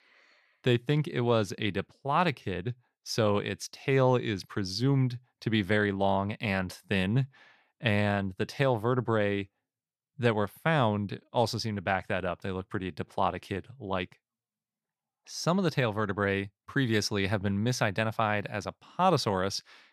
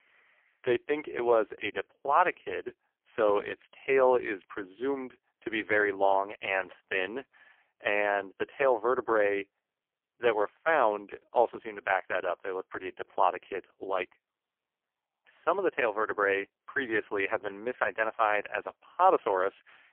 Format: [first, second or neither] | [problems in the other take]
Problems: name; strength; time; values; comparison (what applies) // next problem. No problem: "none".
first | phone-call audio; poor line; nothing above 3 kHz